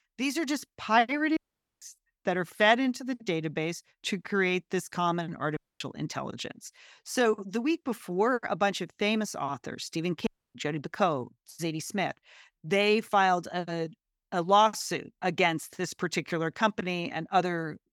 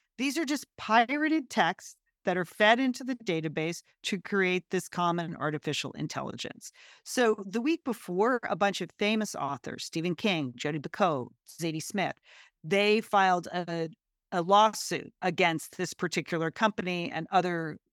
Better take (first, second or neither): second